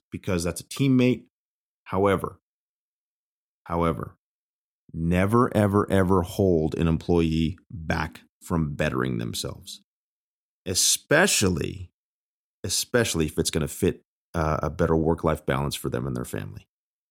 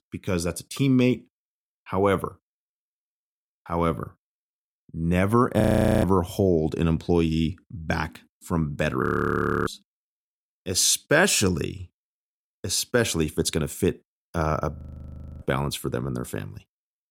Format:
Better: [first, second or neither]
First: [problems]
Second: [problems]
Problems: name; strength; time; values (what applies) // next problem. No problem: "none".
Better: first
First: none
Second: audio freezing; at 5.5 s, at 9 s for 0.5 s and at 15 s for 0.5 s